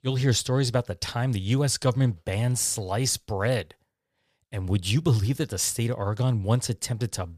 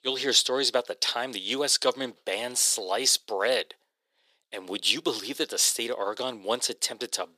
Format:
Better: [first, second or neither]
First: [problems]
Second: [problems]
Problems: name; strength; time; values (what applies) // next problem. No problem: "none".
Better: first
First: none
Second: thin; very; fading below 350 Hz